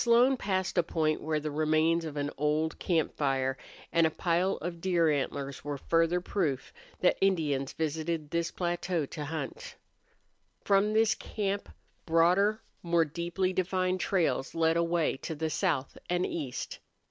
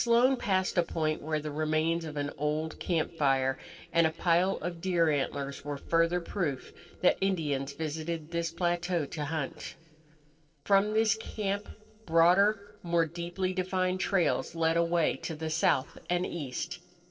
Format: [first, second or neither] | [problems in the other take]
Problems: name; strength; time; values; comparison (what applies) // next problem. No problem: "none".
first | noise reduction (neural separator model SepFormer DNS4)